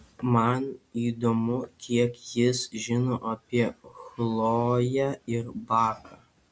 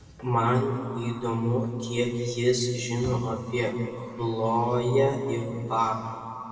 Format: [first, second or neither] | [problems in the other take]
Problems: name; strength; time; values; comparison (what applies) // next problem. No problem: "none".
first | background sound (Bowed string instrument); 16 dB below the speech // room echo; dies away in 2 s